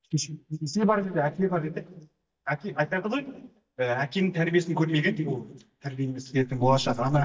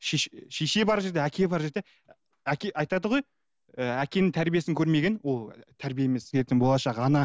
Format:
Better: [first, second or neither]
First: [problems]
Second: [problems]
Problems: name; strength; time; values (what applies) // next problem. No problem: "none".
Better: second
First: noise reduction (neural mask model DeepFilterNet 3)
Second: none